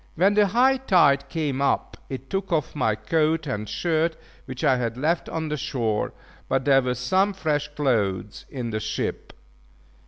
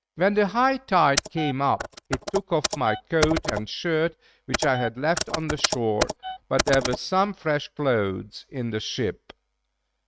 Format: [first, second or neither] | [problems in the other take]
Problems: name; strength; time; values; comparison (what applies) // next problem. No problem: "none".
first | noise reduction (neural mask model RNNoise)